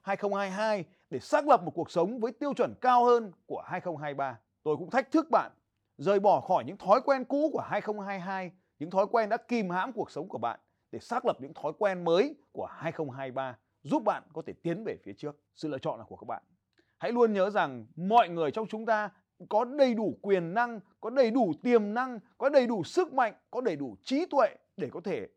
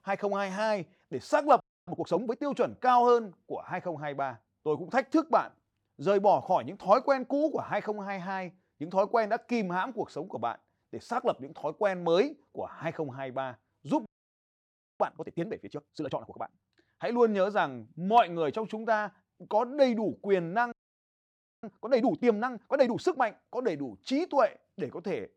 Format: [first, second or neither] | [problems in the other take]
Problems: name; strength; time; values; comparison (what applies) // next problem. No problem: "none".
first | audio freezing; at 1.5 s, at 14 s for 1 s and at 21 s for 1 s